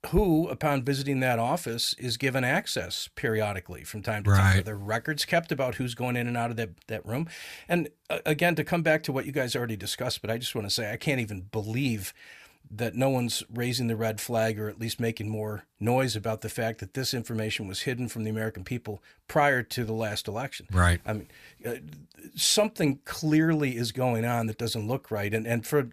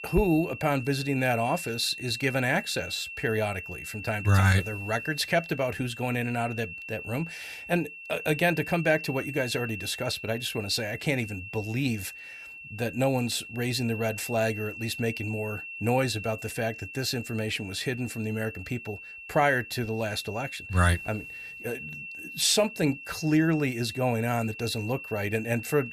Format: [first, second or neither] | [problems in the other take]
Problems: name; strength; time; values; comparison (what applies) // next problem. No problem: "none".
first | high-pitched whine; noticeable; throughout; 2.5 kHz, 10 dB below the speech